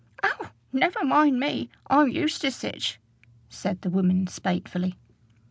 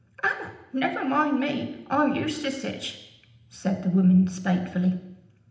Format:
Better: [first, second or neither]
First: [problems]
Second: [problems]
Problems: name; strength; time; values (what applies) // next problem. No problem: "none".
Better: first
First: none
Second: room echo; dies away in 0.8 s